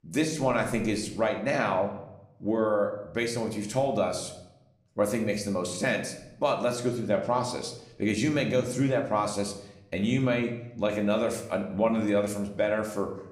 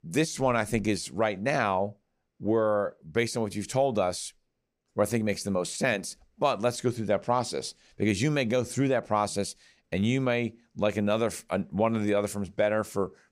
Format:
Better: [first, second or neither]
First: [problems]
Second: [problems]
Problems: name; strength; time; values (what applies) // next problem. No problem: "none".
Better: second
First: room echo; slight; dies away in 0.7 s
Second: none